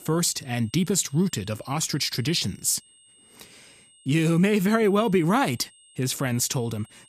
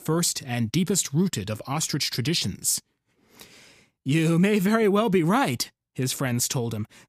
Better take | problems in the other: second | high-pitched whine; faint; throughout; 8.5 kHz, 30 dB below the speech

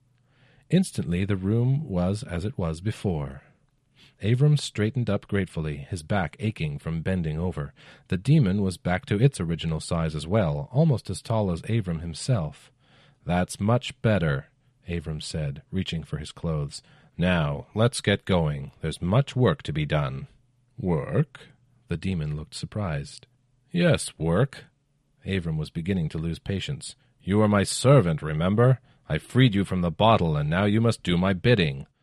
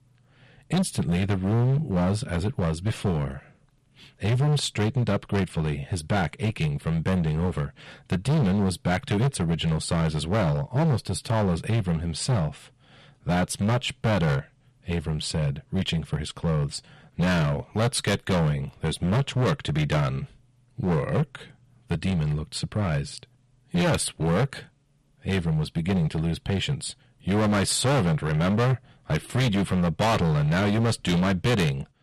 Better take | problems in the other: first | distortion; heavy; 16% of the sound clipped

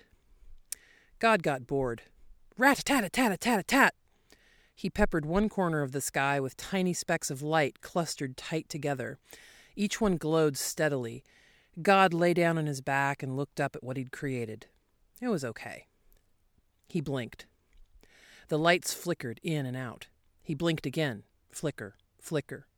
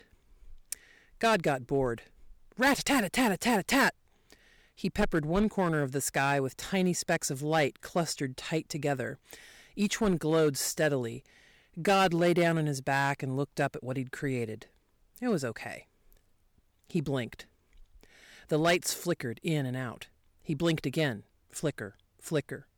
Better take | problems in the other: first | distortion; slight; 2% of the sound clipped

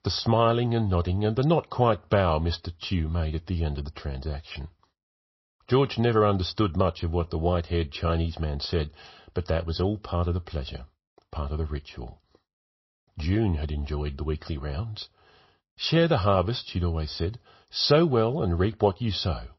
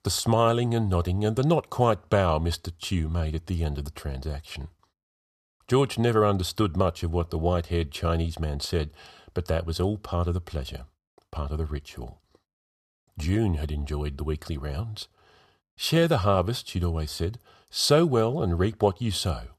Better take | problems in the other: second | garbled, watery; slightly; nothing above 5.5 kHz

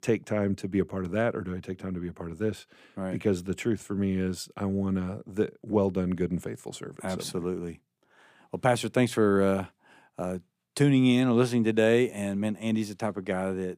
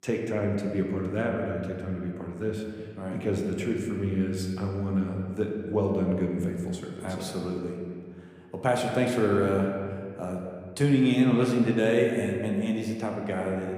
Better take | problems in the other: first | room echo; noticeable; dies away in 1.7 s

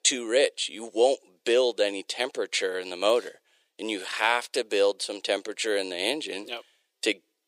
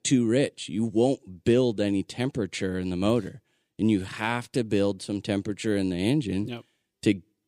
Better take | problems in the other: second | thin; very; fading below 500 Hz

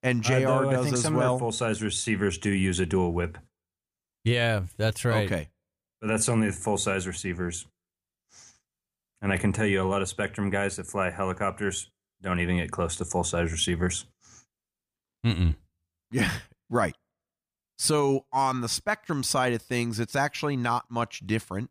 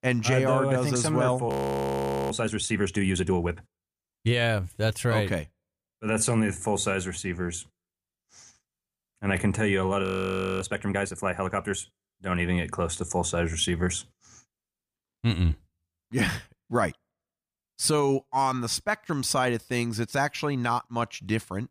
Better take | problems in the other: first | audio freezing; at 1.5 s for 1 s and at 10 s for 0.5 s

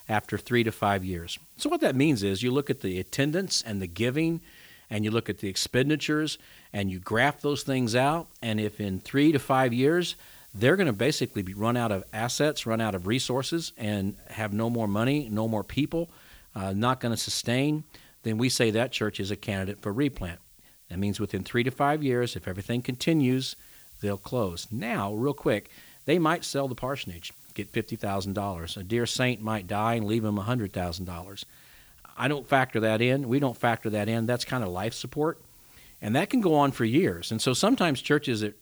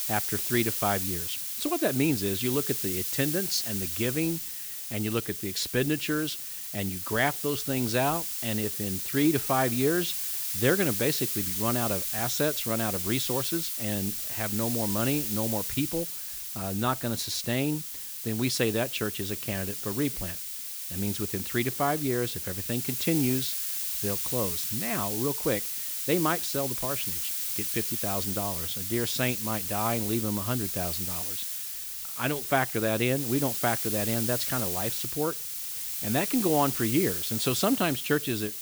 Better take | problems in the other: first | hiss; loud; throughout; as loud as the speech; faint in the first

